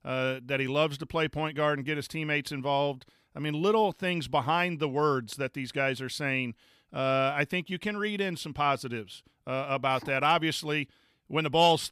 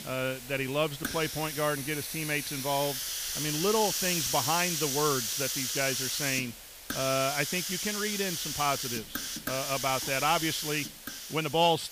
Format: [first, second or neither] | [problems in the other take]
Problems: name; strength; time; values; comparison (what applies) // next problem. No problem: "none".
first | hiss; loud; throughout; 1 dB below the speech